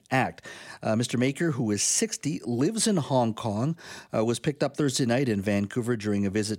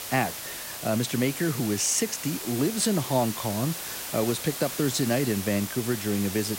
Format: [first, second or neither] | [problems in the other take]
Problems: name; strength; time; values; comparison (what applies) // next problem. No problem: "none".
first | hiss; loud; throughout; 6 dB below the speech